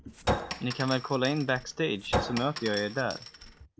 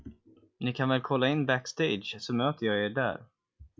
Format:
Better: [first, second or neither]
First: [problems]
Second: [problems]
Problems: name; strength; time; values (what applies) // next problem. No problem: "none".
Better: second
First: background sound (Chink, clink); 4 dB below the speech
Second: none